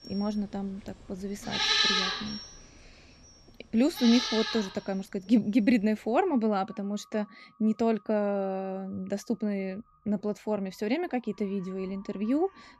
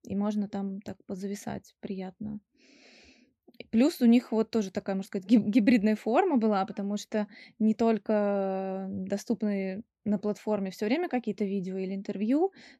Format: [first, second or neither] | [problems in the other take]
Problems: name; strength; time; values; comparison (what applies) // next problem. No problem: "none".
second | animal sounds; very loud; throughout; 1 dB above the speech